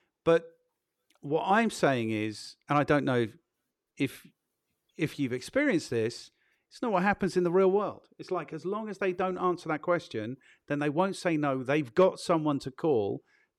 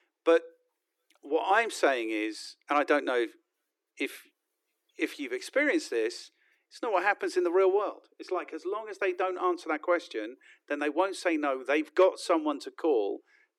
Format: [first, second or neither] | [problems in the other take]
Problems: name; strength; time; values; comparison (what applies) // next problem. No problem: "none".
first | thin; somewhat; fading below 300 Hz